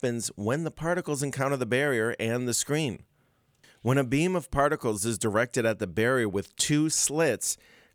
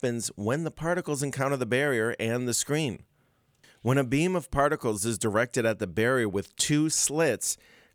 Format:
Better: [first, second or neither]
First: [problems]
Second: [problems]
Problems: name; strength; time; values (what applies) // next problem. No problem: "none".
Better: neither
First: none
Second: none